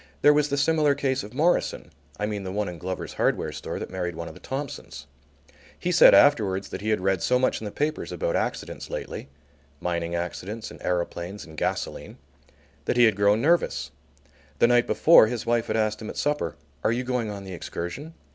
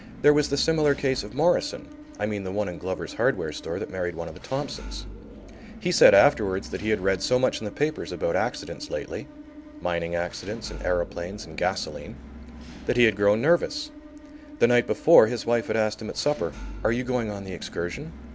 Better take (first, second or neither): first